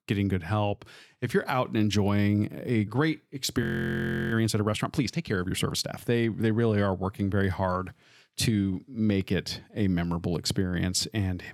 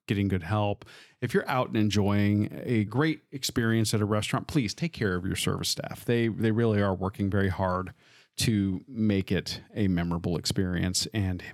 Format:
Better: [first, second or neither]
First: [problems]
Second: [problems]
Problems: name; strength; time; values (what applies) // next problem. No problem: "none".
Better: second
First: audio freezing; at 3.5 s for 0.5 s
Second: none